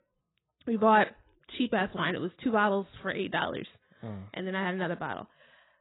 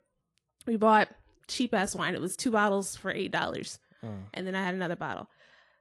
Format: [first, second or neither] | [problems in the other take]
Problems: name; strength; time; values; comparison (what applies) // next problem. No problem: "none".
second | garbled, watery; badly; nothing above 4 kHz; slightly in the second